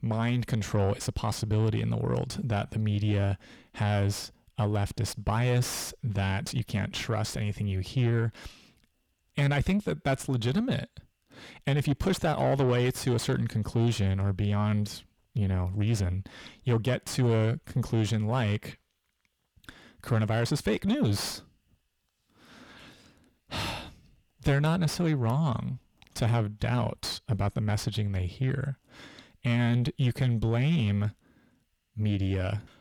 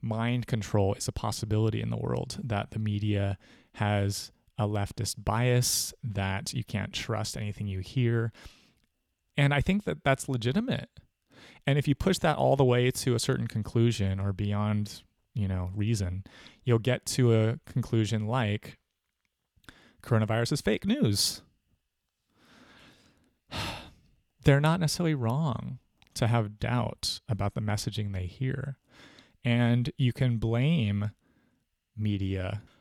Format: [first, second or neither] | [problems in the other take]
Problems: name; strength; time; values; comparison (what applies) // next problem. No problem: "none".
second | distortion; slight; 10 dB below the speech